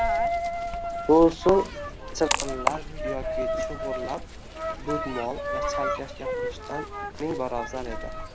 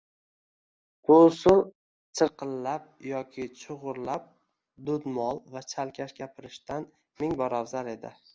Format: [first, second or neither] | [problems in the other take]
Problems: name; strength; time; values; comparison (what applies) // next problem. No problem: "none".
second | background sound (Coin (dropping)); 1 dB below the speech